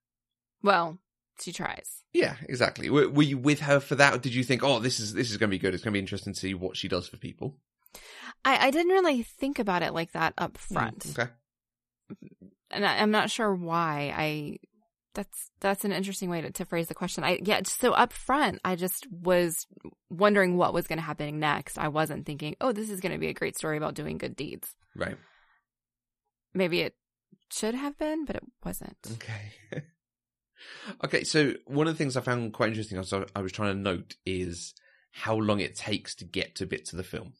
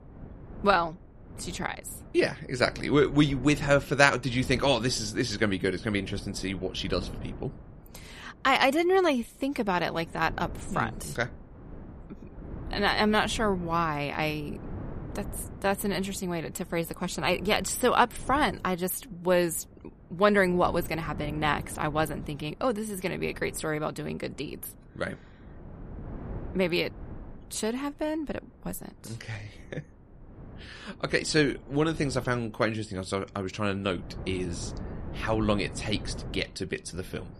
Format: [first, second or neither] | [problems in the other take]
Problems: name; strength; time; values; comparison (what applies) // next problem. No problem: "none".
first | wind noise on the microphone; occasional gusts; 20 dB below the speech